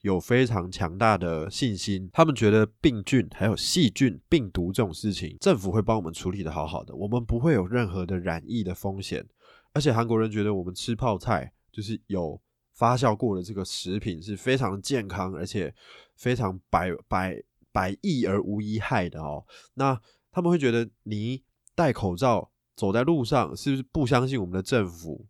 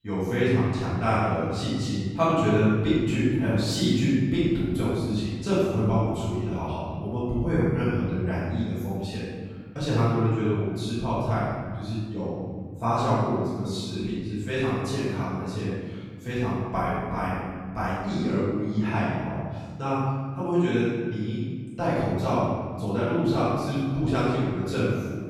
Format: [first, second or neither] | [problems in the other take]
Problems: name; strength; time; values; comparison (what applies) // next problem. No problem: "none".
first | room echo; strong; dies away in 1.9 s // off-mic speech; far